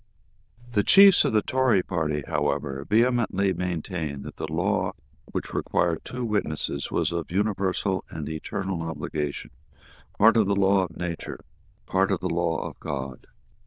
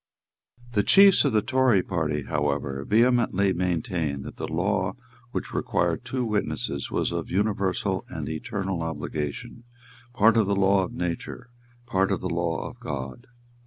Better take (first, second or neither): second